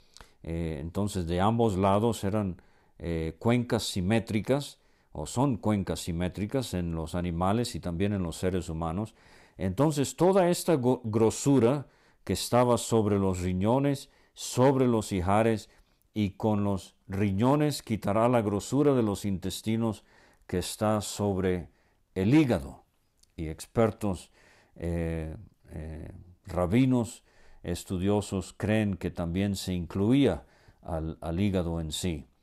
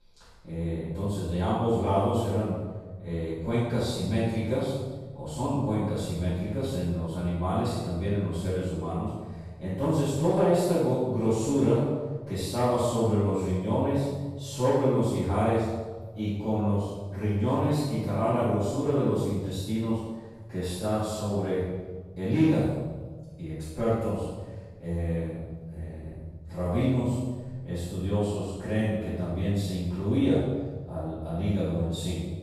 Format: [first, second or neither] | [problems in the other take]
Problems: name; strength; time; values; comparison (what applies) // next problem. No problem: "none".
first | off-mic speech; far // room echo; strong; dies away in 1.3 s